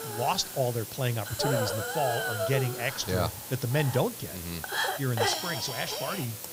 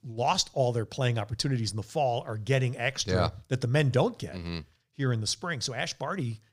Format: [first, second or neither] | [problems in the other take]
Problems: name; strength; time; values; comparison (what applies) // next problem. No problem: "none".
second | hiss; loud; throughout; 2 dB below the speech